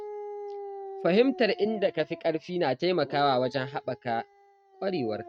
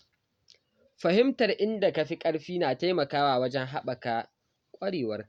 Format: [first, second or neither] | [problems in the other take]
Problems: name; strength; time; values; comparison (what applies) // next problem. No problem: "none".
second | noise reduction (neural mask model RNNoise)